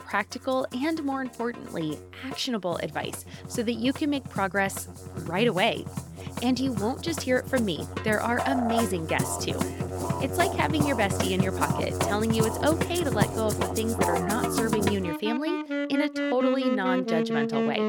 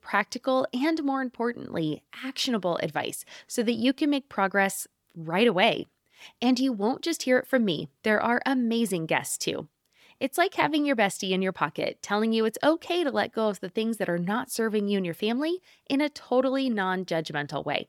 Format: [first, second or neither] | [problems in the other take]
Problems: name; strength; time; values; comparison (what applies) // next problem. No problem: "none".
second | background music; loud; throughout; 1 dB below the speech